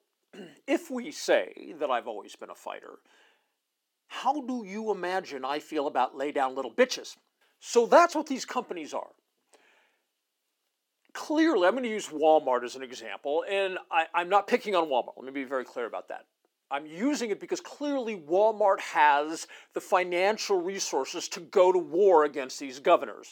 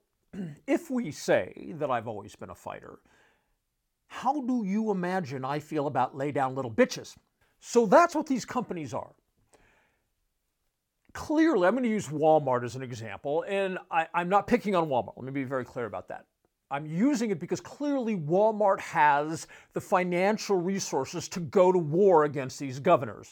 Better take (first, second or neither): second